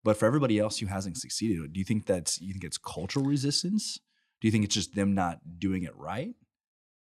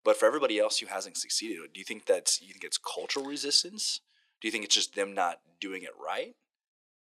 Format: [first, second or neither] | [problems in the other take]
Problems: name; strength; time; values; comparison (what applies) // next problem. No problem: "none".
first | thin; very; fading below 400 Hz